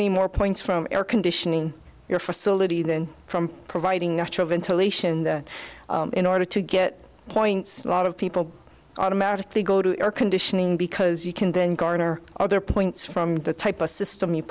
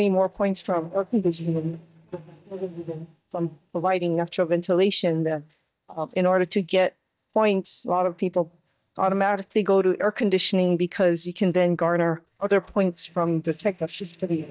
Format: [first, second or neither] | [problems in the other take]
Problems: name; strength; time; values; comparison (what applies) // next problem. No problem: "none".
first | noise reduction (neural mask model DeepFilterNet 3)